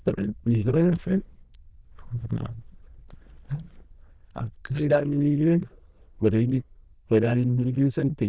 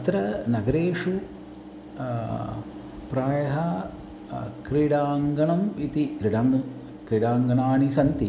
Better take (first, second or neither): second